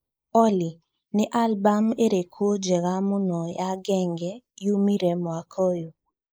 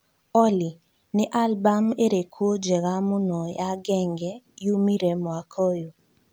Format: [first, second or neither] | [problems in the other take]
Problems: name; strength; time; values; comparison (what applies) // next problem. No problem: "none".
second | noise reduction (neural mask model Resemble Enhance denoiser)